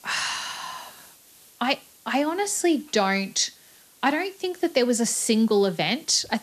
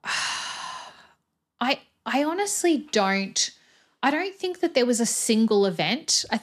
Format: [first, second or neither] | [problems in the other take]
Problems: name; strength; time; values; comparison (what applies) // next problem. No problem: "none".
second | hiss; faint; throughout; 25 dB below the speech